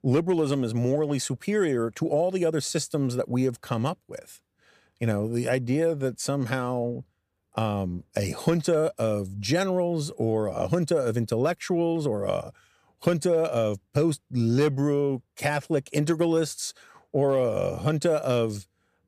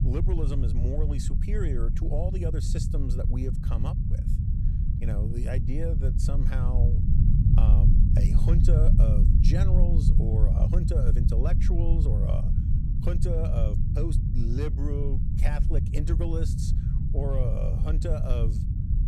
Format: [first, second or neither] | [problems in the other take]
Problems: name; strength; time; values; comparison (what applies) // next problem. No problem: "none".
first | low rumble; loud; throughout; 2 dB below the speech